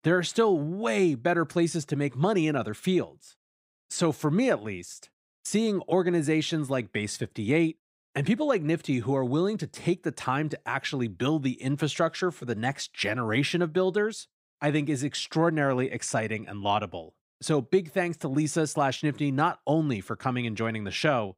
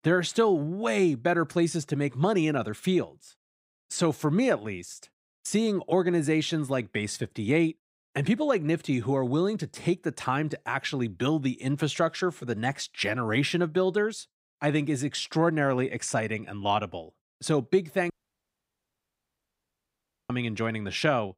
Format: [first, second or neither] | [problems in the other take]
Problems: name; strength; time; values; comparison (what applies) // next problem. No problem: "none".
first | audio cutting out; at 18 s for 2 s